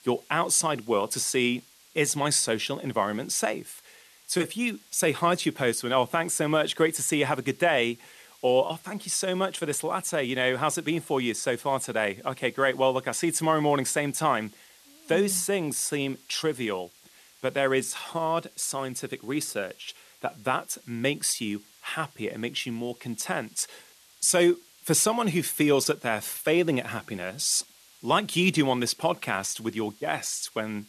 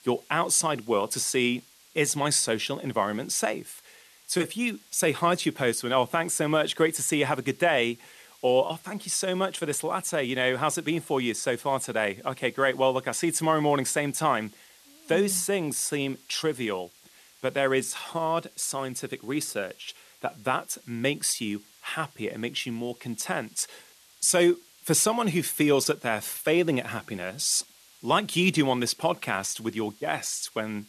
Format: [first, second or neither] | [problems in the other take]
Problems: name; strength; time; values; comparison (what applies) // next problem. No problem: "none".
neither | hiss; faint; throughout; 25 dB below the speech; the same in both